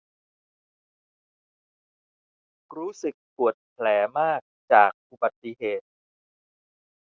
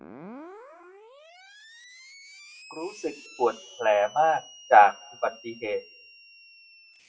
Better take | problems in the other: first | noise reduction (classical method WPE with log-MMSE)

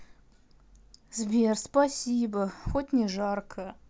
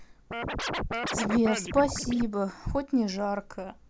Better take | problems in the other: first | background sound (Scratching (performance technique)); 3 dB below the speech

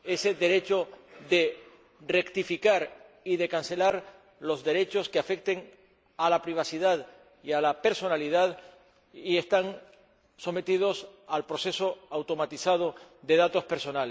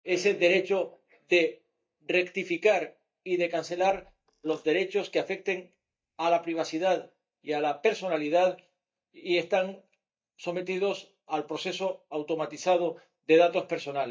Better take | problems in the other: first | noise reduction (neural mask model DeepFilterNet 3)

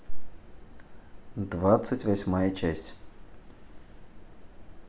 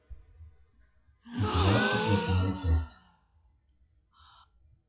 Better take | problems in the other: first | noise reduction (classical method WPE with log-MMSE)

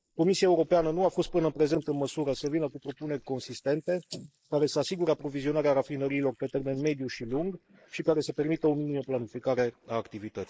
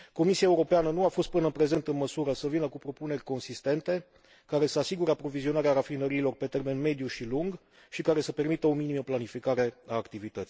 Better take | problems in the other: second | noise reduction (neural mask model Resemble Enhance denoiser)

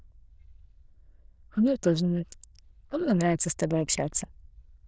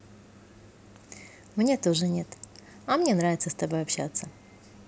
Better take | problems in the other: second | noise reduction (neural diffusion model UNIVERSE++)

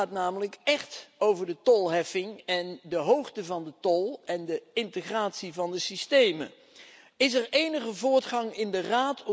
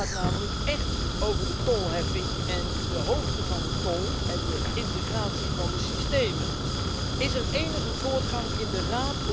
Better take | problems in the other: first | background sound (Fire); 5 dB above the speech

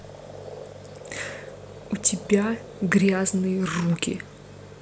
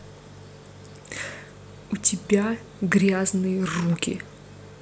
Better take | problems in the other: second | background sound (Frog); 18 dB below the speech

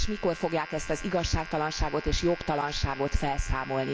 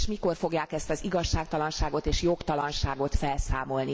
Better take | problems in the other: second | background sound (Domestic sounds, home sounds); 15 dB below the speech

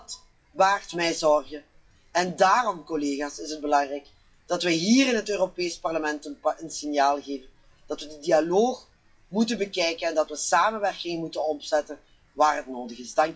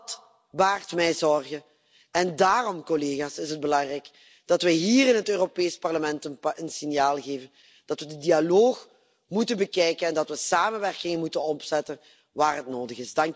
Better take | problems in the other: second | noise reduction (classical method WPE with log-MMSE)

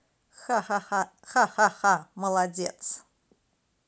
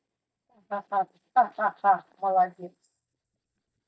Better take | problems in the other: first | noise reduction (neural mask model DeepFilterNet 3)

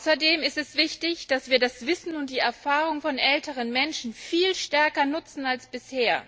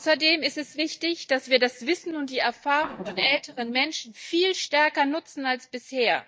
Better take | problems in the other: first | noise reduction (neural mask model DeepFilterNet 3)

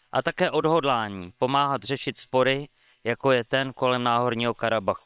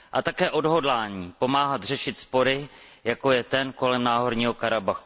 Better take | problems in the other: second | noise reduction (neural separator model SepFormer WHAM!)

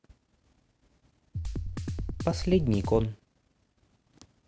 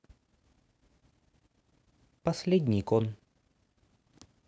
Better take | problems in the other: second | background sound (Drum kit); 1 dB below the speech

